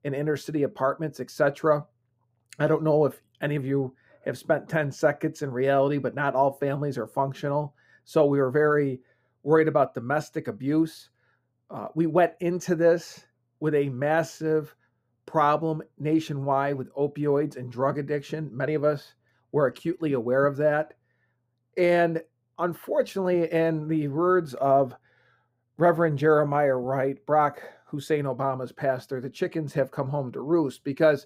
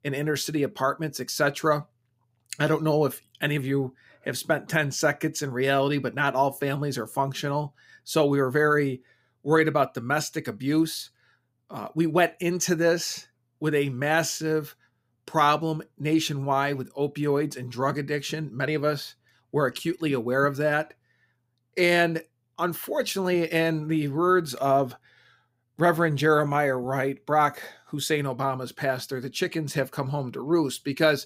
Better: second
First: muffled; slightly; fading above 2 kHz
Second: none

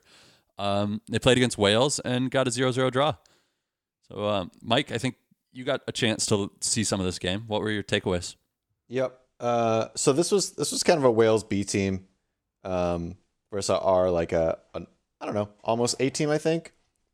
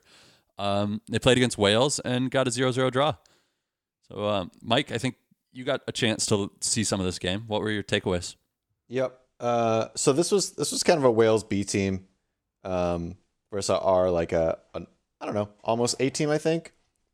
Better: neither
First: none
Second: none

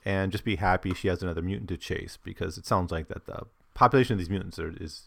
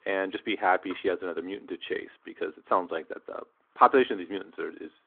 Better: first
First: none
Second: phone-call audio; nothing above 3.5 kHz

